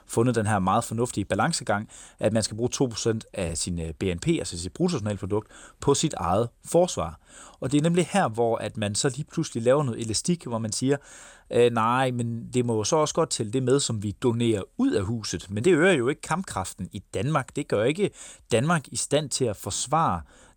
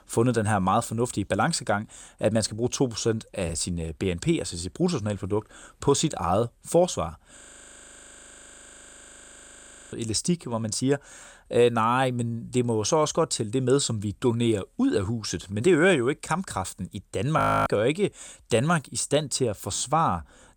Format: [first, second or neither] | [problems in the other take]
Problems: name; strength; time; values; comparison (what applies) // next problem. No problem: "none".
first | audio freezing; at 7.5 s for 2.5 s and at 17 s